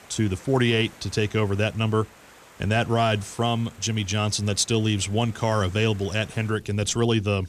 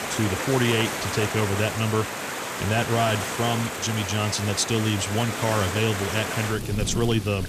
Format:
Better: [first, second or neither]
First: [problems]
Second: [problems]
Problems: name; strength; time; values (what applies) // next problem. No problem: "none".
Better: first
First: rain or running water; faint; throughout; 25 dB below the speech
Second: rain or running water; loud; throughout; 4 dB below the speech